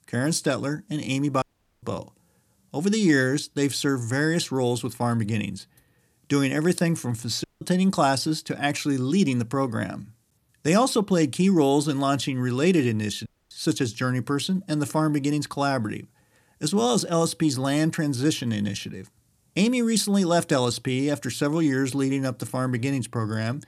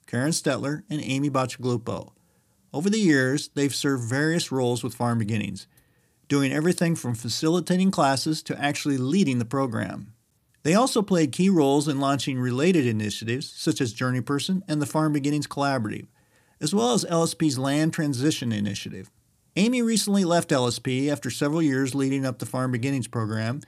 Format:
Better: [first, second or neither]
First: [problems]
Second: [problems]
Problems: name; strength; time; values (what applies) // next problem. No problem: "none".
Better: second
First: audio cutting out; at 1.5 s, at 7.5 s and at 13 s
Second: none